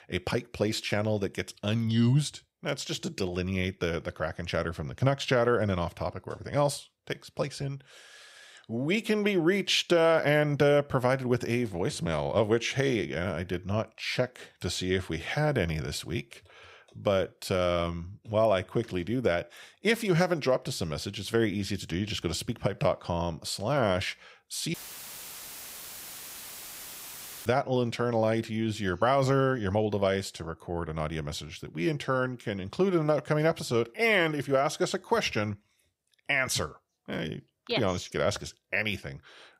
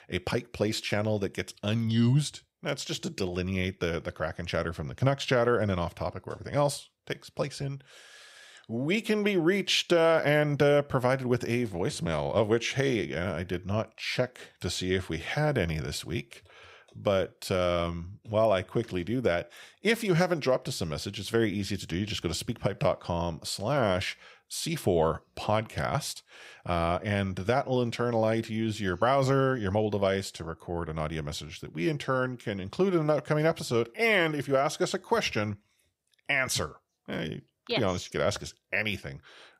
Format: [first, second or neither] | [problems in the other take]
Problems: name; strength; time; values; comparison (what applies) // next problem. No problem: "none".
second | audio cutting out; filled with static; at 25 s for 2.5 s